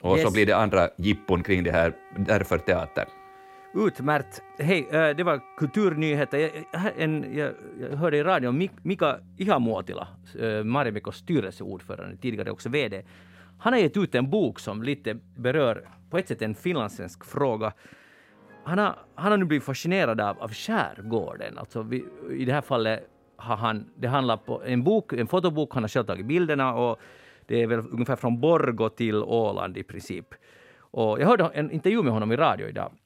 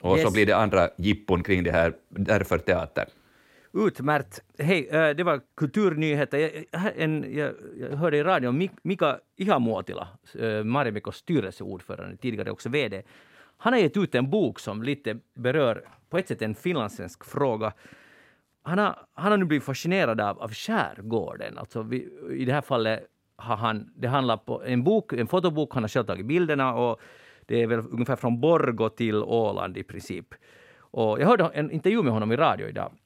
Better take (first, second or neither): second